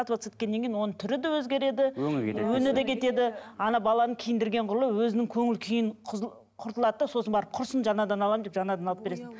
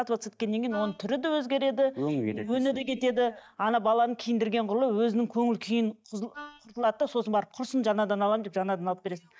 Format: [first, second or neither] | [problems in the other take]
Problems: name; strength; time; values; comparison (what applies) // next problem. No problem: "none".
first | noise reduction (neural mask model DeepFilterNet 3)